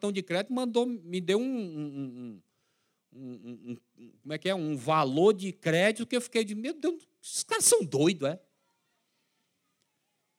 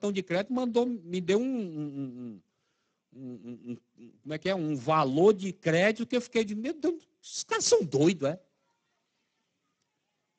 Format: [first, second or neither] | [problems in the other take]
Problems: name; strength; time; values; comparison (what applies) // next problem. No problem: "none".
first | garbled, watery; badly; nothing above 7.5 kHz